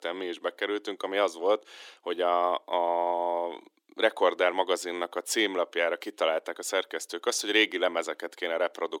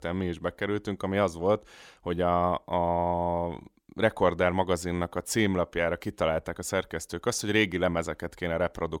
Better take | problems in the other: second | thin; somewhat; fading below 300 Hz

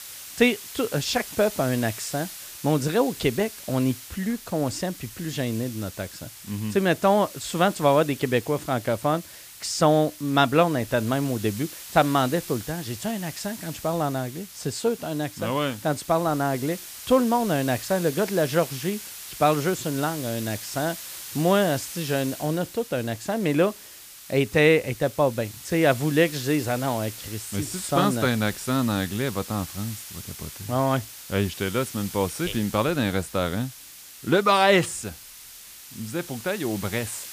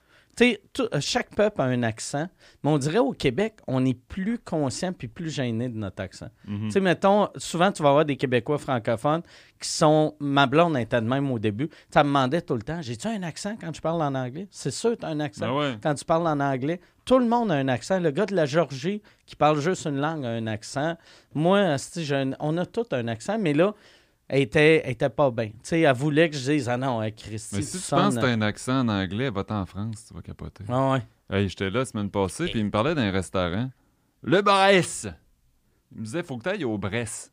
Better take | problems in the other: second | hiss; noticeable; throughout; 15 dB below the speech

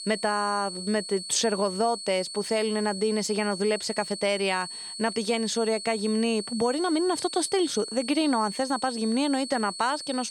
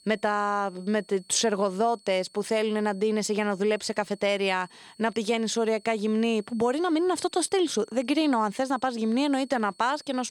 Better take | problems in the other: second | high-pitched whine; loud; throughout; 4.5 kHz, 8 dB below the speech; faint in the second

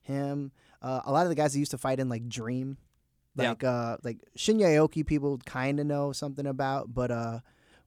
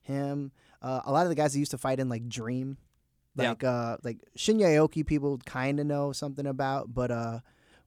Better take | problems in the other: neither | none

